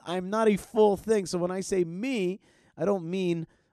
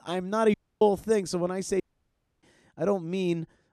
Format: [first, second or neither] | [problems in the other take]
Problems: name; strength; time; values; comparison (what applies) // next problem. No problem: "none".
first | audio cutting out; at 0.5 s and at 2 s for 0.5 s